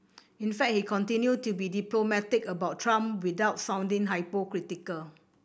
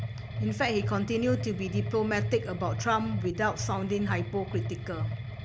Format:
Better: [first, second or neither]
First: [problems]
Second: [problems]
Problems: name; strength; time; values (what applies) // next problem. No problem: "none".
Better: first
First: none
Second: background sound (Mechanisms); 3 dB below the speech